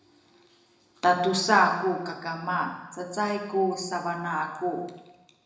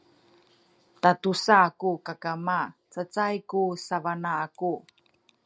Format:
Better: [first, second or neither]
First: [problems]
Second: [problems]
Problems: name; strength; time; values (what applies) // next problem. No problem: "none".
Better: second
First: room echo; dies away in 0.9 s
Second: none